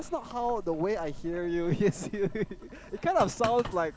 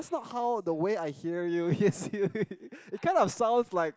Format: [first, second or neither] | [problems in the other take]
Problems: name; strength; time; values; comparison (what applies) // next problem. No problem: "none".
second | background sound (Boiling); 12 dB below the speech